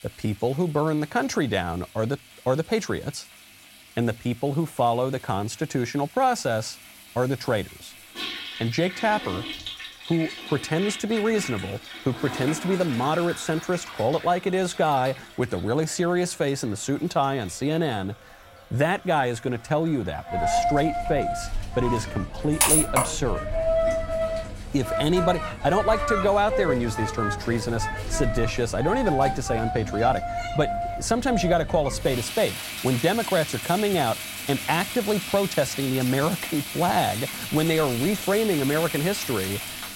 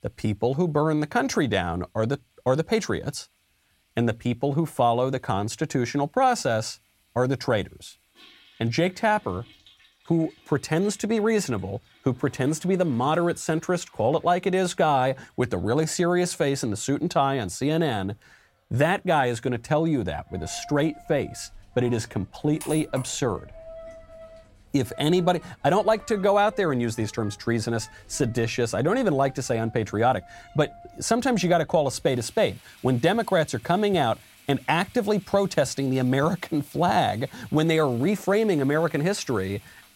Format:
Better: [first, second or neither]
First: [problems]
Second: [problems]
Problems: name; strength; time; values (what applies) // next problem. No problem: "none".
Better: second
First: household noises; loud; throughout; 4 dB below the speech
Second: household noises; faint; throughout; 25 dB below the speech